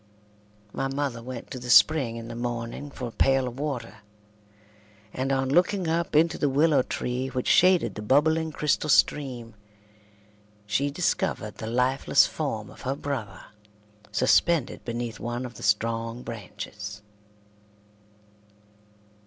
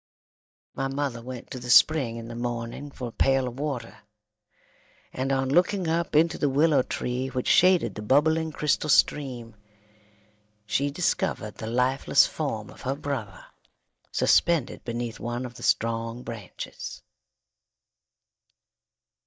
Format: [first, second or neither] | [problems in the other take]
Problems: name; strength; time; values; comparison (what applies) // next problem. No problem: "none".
first | noise reduction (neural mask model DeepFilterNet 3)